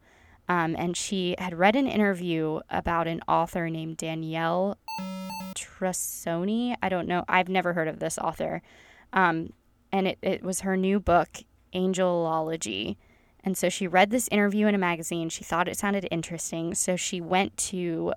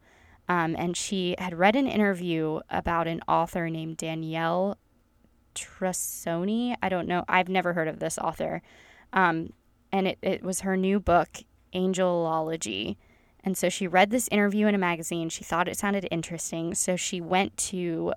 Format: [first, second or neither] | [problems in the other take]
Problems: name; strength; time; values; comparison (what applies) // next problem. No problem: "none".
second | alarm; noticeable; at 5 s; peak 8 dB below the speech